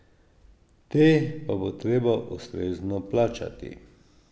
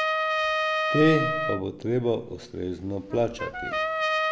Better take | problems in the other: first | background sound (Trumpet); as loud as the speech

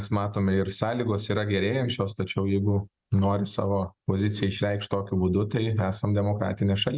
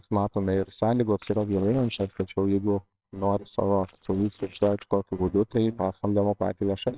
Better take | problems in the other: first | noise reduction (neural separator model SepFormer WHAMR!)

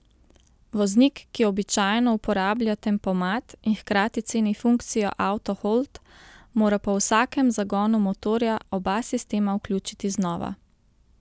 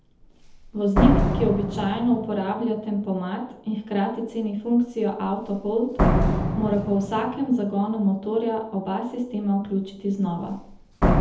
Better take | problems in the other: first | background sound (Slam); 2 dB below the speech // room echo; dies away in 0.7 s

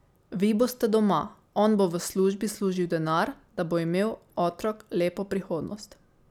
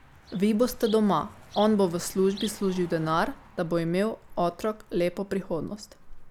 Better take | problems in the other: first | background sound (Insect + Car passing by); 17 dB below the speech

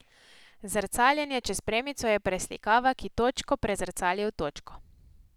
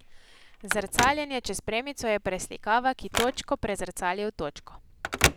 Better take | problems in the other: first | background sound (Telephone); 4 dB below the speech

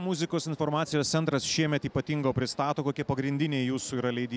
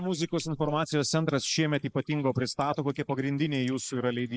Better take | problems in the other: first | noise reduction (neural mask model Resemble Enhance denoiser)

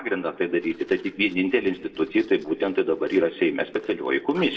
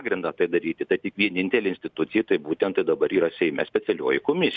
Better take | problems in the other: second | noise reduction (neural separator model SepFormer DNS4)

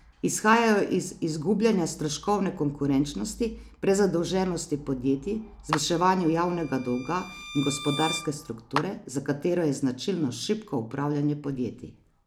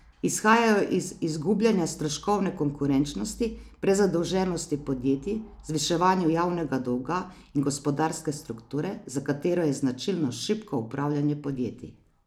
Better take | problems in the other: second | background sound (Clapping + Bowed string instrument); 11 dB below the speech

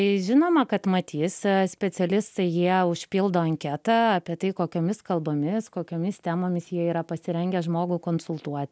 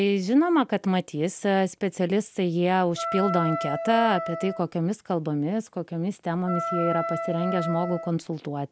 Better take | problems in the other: first | background sound (Wind instrument, woodwind instrument); 6 dB below the speech

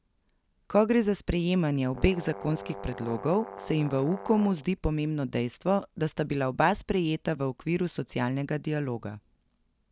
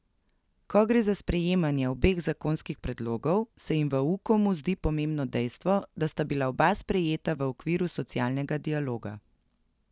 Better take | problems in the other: second | background sound (Brass instrument); 14 dB below the speech

